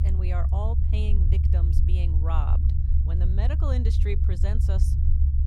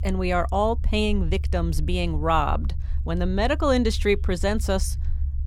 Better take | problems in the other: second | low rumble; loud; throughout; 2 dB below the speech; faint in the second

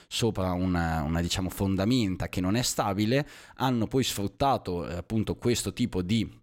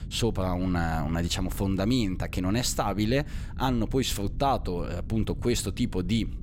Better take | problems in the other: first | low rumble; faint; throughout; 20 dB below the speech

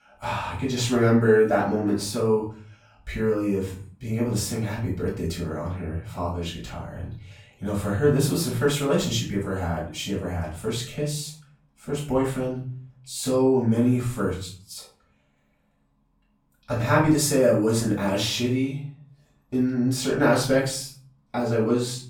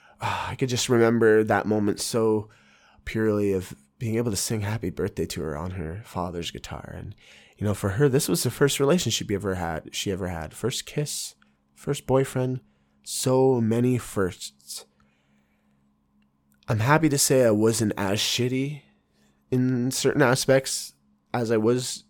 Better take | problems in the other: second | off-mic speech; far // room echo; noticeable; dies away in 0.4 s

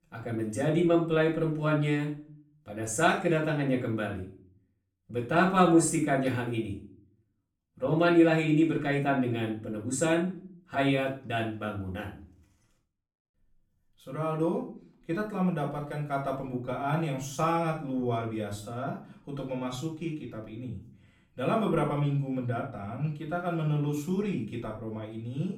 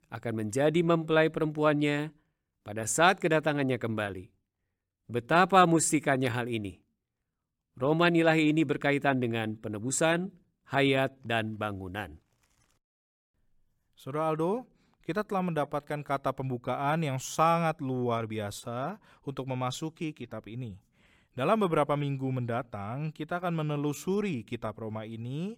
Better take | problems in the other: second | off-mic speech; far // room echo; slight; dies away in 0.4 s

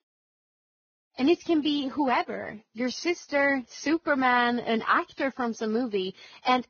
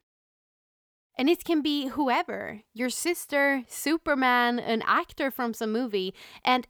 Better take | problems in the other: second | garbled, watery; badly; nothing above 6.5 kHz

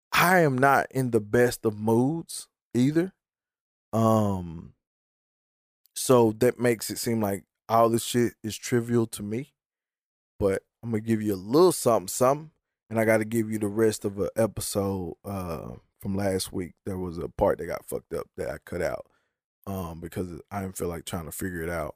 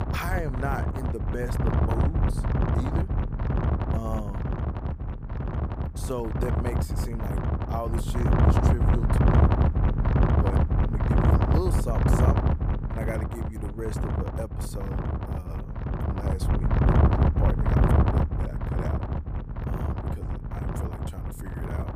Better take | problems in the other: first | wind noise on the microphone; heavy; 5 dB above the speech

